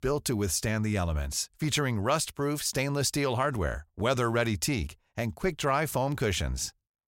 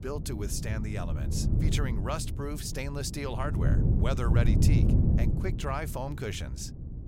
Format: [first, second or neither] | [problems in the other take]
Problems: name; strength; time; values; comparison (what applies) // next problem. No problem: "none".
first | wind noise on the microphone; heavy; 4 dB below the speech